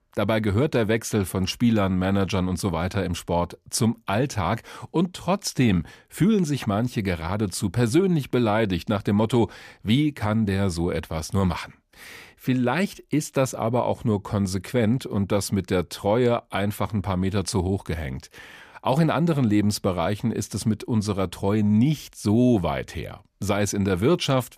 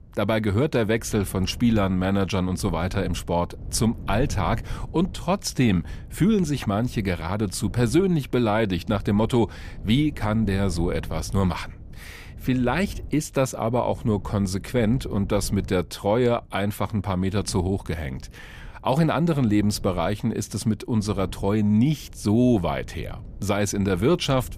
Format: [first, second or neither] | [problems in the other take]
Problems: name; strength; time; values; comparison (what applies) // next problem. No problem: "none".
first | wind noise on the microphone; occasional gusts; 25 dB below the speech